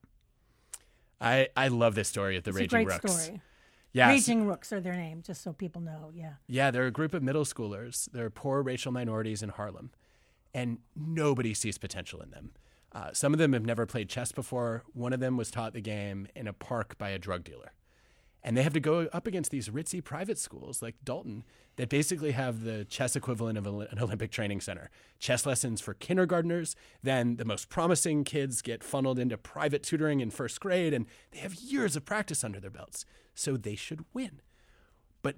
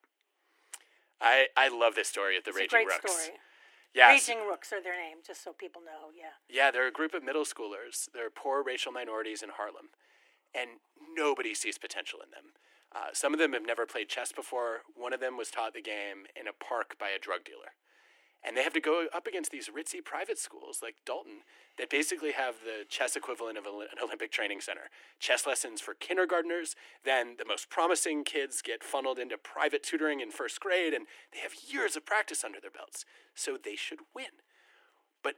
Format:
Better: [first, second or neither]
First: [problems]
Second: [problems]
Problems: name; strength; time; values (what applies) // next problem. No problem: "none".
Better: first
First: none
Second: thin; very; fading below 300 Hz